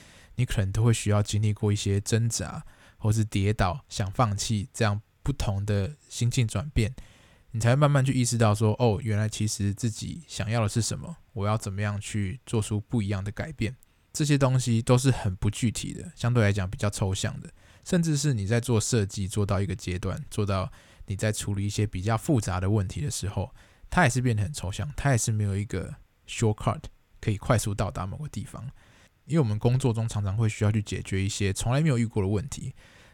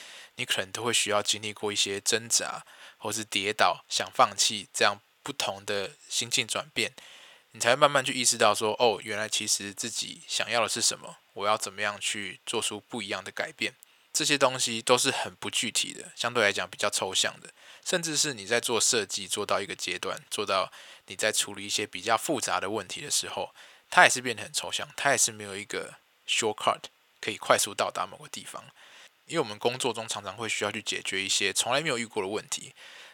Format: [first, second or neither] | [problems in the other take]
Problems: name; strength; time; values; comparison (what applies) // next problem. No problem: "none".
first | thin; very; fading below 550 Hz